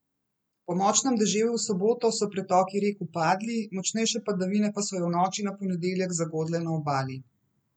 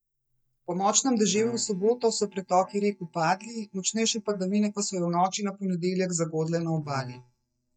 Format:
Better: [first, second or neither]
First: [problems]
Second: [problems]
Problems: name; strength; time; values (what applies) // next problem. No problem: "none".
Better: first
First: none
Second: noise reduction (neural mask model DeepFilterNet 3)